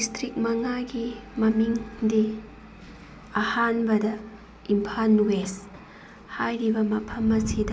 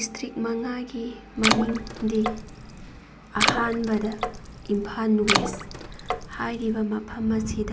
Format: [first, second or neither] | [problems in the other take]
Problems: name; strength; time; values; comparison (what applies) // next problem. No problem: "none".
first | background sound (Water / Splash, splatter); 1 dB below the speech